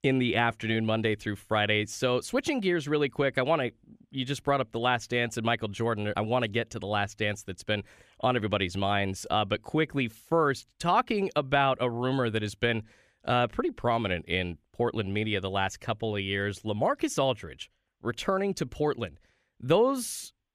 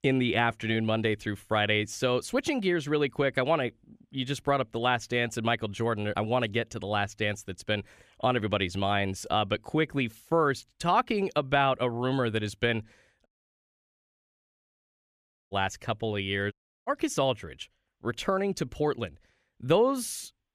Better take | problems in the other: first | audio cutting out; at 13 s for 2.5 s and at 17 s

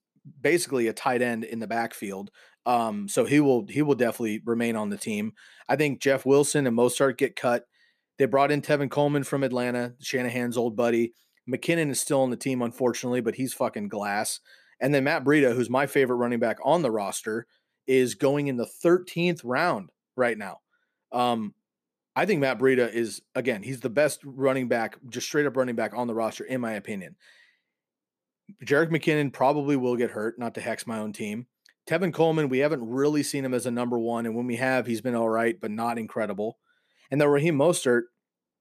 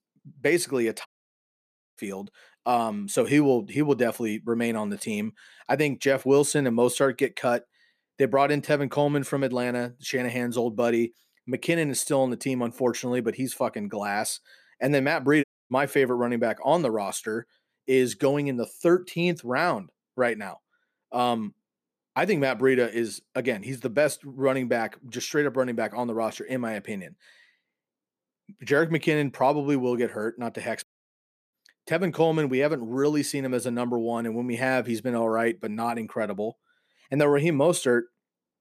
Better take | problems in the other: first | audio cutting out; at 1 s for 1 s, at 15 s and at 31 s for 0.5 s

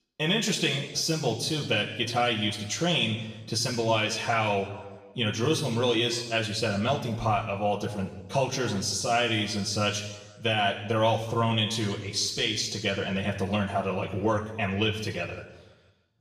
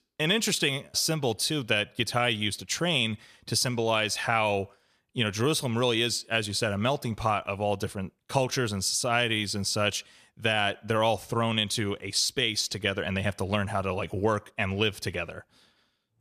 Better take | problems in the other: second | room echo; noticeable; dies away in 1.1 s // off-mic speech; far

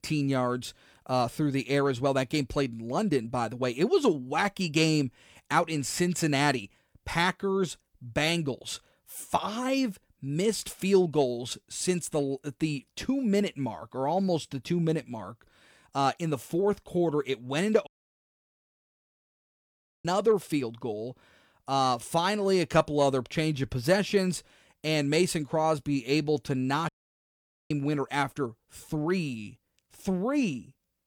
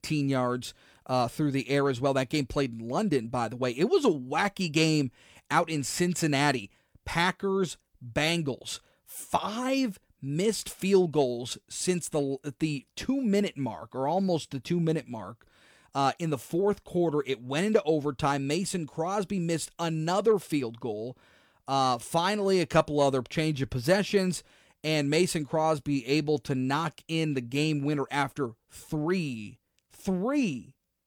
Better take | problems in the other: second | audio cutting out; at 18 s for 2 s and at 27 s for 1 s

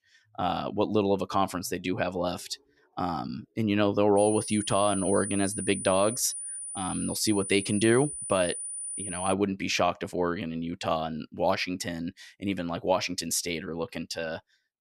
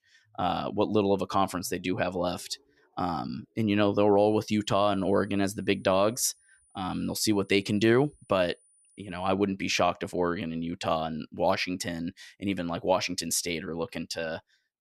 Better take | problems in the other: second | high-pitched whine; loud; from 4 to 9.5 s; 9.5 kHz, 6 dB below the speech; faint in the second

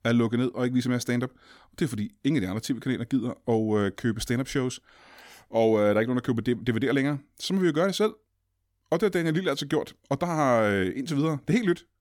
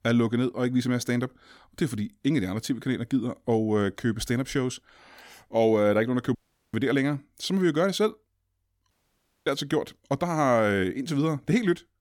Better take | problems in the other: first | audio cutting out; at 6.5 s and at 9 s for 0.5 s

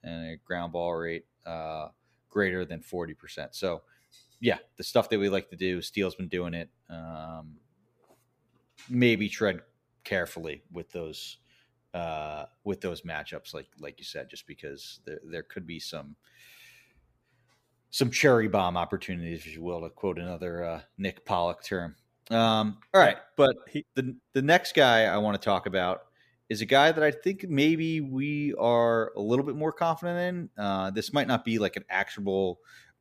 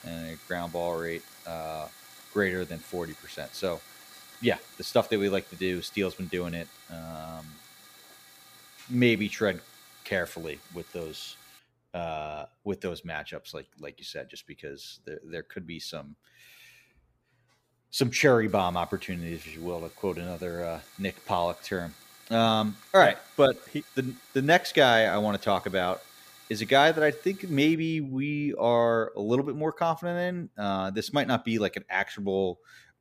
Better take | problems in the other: first | hiss; faint; until 12 s and from 18 to 28 s; 20 dB below the speech

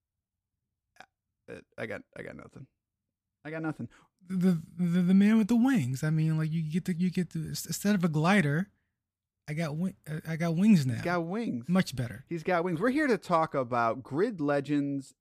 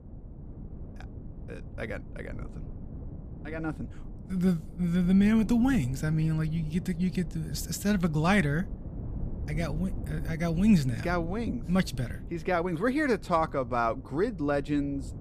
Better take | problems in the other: first | wind noise on the microphone; occasional gusts; 20 dB below the speech

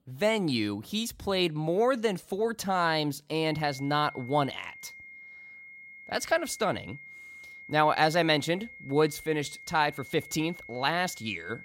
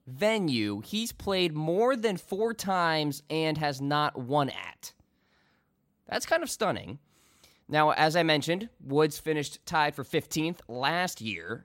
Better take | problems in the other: second | high-pitched whine; noticeable; from 3.5 s on; 2 kHz, 15 dB below the speech

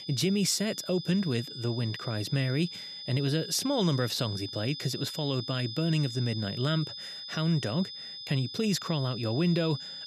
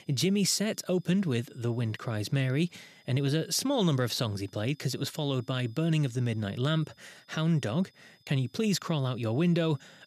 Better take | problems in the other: second | high-pitched whine; loud; throughout; 5 kHz, 8 dB below the speech; faint in the second

